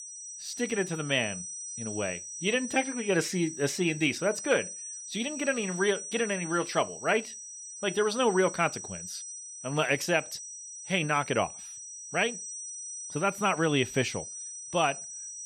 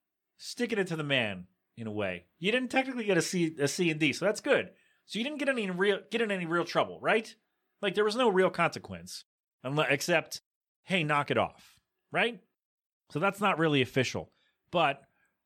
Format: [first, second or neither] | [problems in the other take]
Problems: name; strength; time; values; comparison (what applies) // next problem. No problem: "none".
second | high-pitched whine; loud; throughout; 6 kHz, 9 dB below the speech